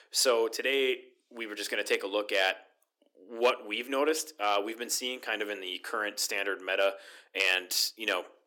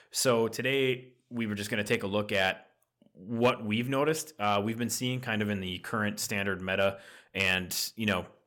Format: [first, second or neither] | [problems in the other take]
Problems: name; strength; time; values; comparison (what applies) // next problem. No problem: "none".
second | thin; somewhat; fading below 300 Hz